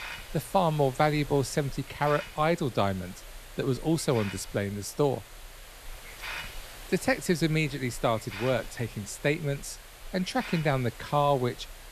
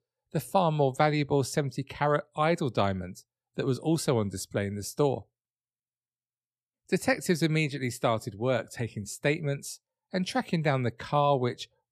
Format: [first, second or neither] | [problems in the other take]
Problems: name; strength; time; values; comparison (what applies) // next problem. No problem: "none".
second | hiss; noticeable; throughout; 15 dB below the speech